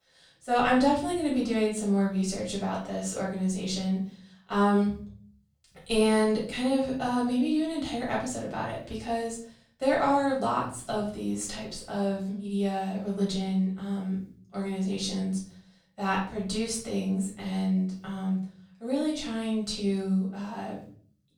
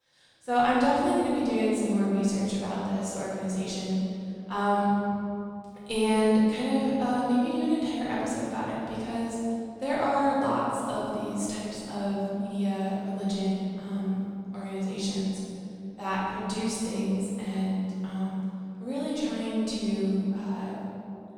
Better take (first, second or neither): first